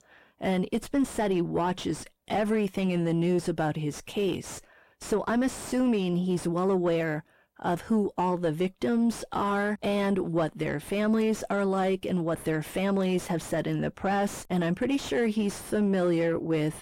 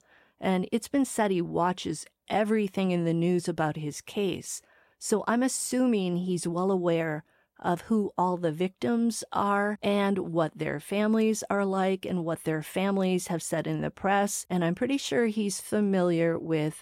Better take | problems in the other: second | distortion; slight; 8 dB below the speech

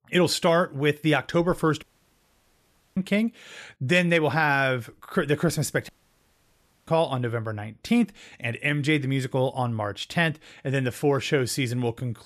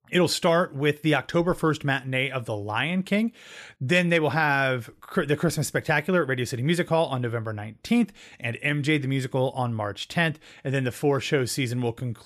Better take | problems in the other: second | audio cutting out; at 2 s for 1 s and at 6 s for 1 s

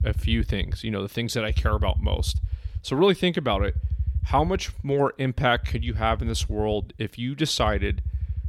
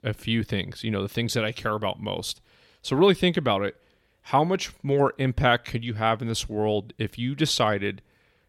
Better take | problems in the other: second | low rumble; faint; throughout; 20 dB below the speech

